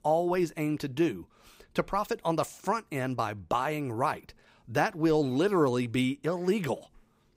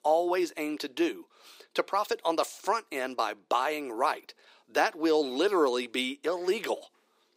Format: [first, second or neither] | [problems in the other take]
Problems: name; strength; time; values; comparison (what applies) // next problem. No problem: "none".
first | thin; somewhat; fading below 350 Hz